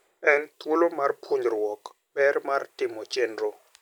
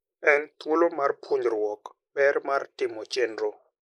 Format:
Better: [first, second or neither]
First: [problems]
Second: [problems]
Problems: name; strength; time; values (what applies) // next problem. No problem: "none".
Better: first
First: none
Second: noise reduction (neural mask model Resemble Enhance denoiser)